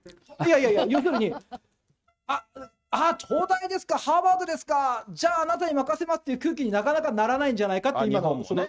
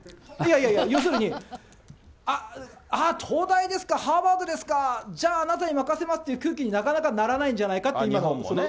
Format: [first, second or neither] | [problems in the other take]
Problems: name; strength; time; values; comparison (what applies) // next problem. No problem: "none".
second | noise reduction (neural mask model RNNoise)